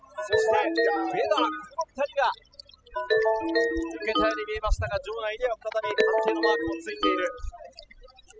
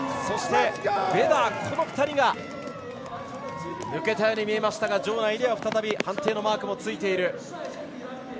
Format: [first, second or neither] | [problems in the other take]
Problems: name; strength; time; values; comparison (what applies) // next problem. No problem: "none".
second | noise reduction (classical method spectral subtraction)